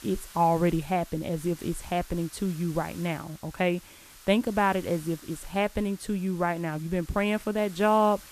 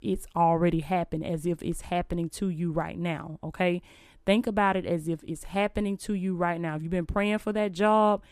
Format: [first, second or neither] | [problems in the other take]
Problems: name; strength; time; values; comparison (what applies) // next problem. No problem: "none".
second | hiss; noticeable; throughout; 20 dB below the speech